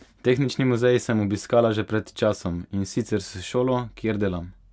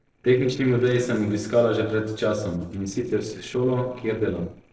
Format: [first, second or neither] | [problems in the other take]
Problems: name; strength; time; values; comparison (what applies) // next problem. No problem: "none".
first | noise reduction (neural separator model SepFormer DNS4)